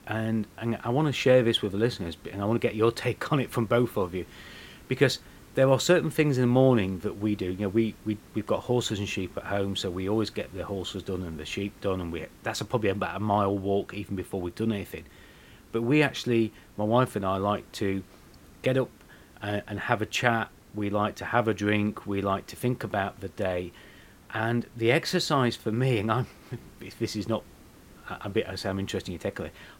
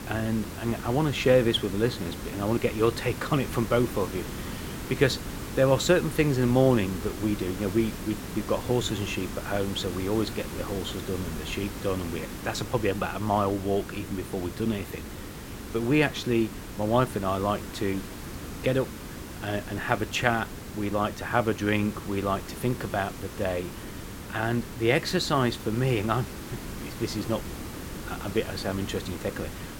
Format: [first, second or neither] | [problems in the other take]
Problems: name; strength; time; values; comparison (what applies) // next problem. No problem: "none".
first | hiss; loud; throughout; 10 dB below the speech; faint in the first